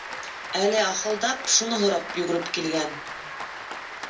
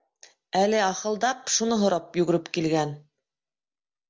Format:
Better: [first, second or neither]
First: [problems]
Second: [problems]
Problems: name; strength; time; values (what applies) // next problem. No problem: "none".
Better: second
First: background sound (Applause); 9 dB below the speech // room echo; dies away in 0.2 s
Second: none